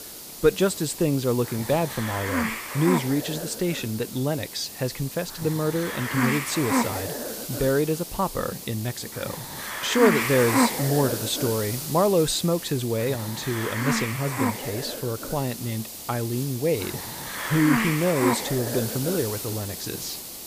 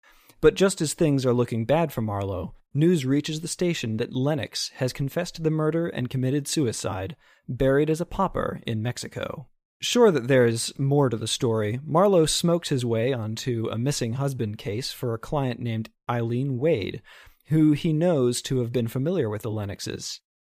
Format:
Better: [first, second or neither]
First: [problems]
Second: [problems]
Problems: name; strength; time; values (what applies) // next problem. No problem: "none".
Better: second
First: hiss; loud; throughout; 3 dB below the speech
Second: none